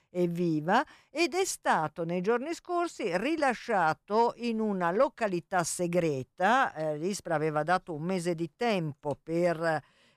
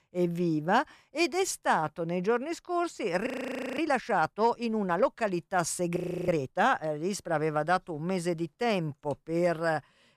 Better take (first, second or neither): first